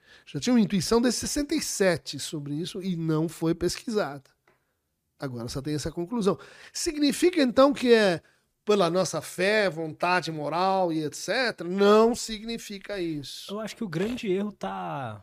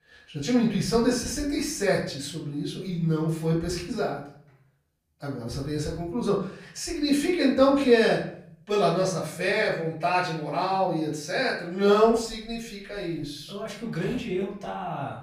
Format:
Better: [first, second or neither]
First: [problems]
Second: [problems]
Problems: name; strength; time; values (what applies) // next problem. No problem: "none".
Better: first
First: none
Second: off-mic speech; far // room echo; noticeable; dies away in 0.5 s